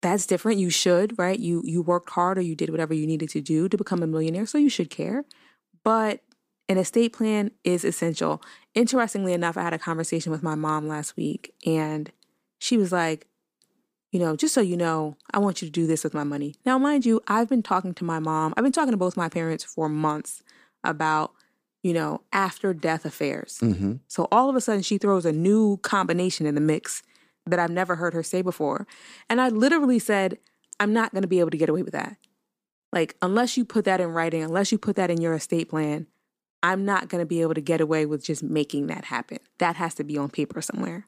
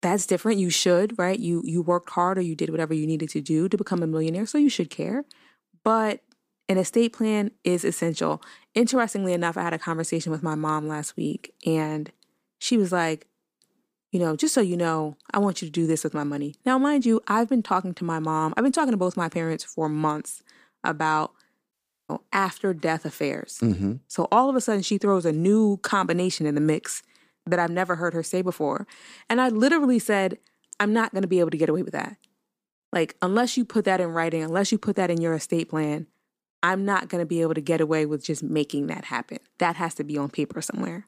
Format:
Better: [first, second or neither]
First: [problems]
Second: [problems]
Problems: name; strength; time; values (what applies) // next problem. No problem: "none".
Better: first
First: none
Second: audio cutting out; at 22 s